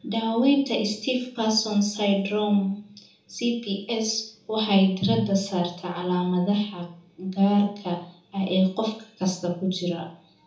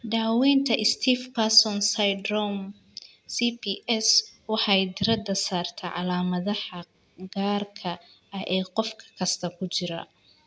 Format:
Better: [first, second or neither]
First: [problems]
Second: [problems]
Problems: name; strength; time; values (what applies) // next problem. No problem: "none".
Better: second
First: room echo; dies away in 0.8 s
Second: none